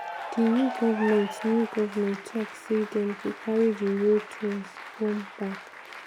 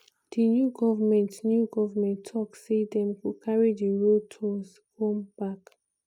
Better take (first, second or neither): second